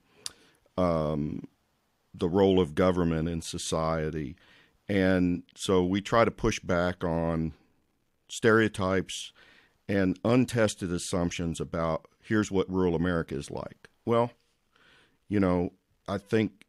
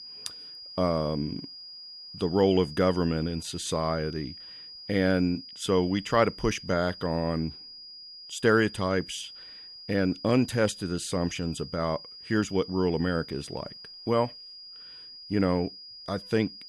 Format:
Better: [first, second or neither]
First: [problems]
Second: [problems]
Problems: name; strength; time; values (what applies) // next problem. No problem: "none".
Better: first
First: none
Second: high-pitched whine; noticeable; throughout; 5 kHz, 15 dB below the speech